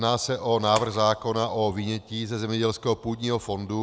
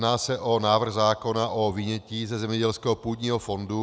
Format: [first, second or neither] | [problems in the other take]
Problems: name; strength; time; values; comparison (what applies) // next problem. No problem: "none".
second | background sound (Splash, splatter); 19 dB below the speech